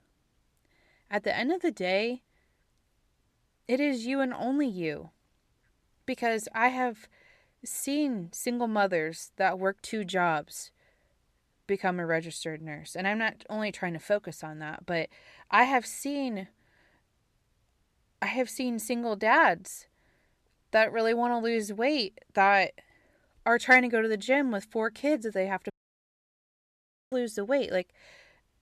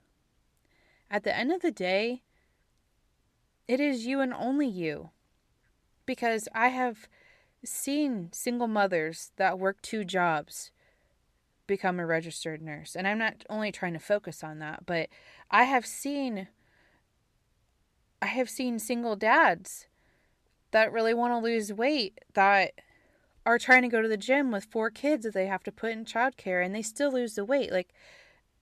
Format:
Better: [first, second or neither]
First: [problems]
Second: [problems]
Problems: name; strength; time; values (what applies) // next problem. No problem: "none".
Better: second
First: audio cutting out; at 26 s for 1.5 s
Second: none